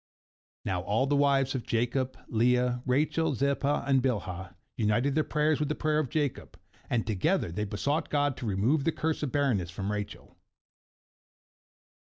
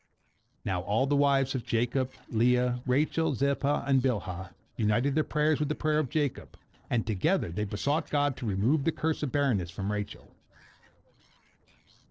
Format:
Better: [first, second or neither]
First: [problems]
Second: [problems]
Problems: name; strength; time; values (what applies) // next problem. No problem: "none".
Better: first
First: none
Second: noise reduction (neural separator model SepFormer DNS4)